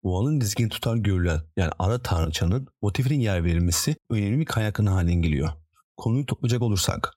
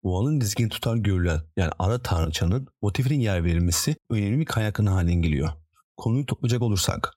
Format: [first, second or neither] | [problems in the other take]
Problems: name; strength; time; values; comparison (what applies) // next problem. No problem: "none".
neither | none